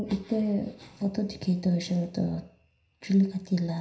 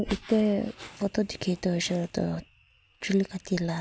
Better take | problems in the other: second | room echo; dies away in 0.5 s

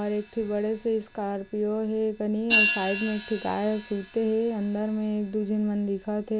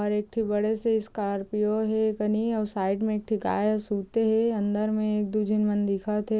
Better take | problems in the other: second | background sound (Hi-hat); 6 dB below the speech

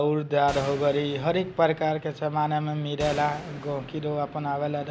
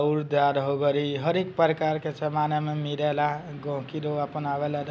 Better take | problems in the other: second | background sound (Gunshot, gunfire); 15 dB below the speech

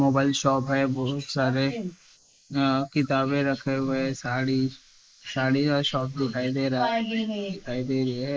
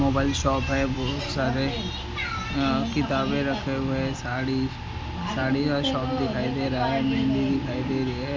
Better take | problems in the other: second | noise reduction (neural mask model Resemble Enhance denoiser)

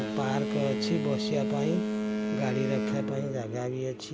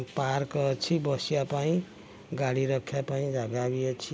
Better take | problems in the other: second | background sound (Boat, Water vehicle); 1 dB above the speech

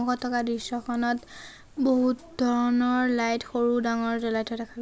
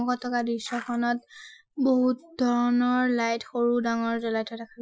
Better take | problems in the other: first | noise reduction (classical method Wiener filter)

